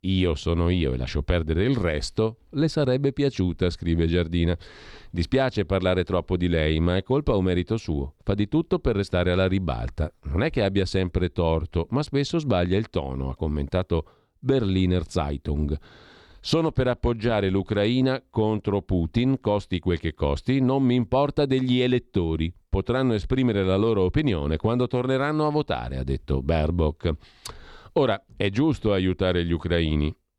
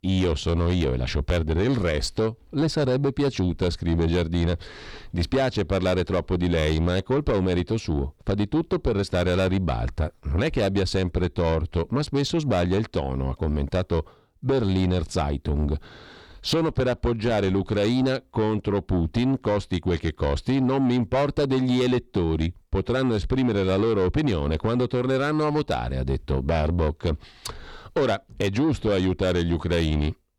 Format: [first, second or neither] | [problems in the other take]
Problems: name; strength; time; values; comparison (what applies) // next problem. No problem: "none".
first | distortion; slight; 10 dB below the speech